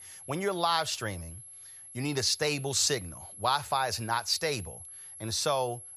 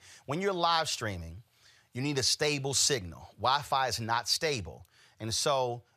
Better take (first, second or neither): second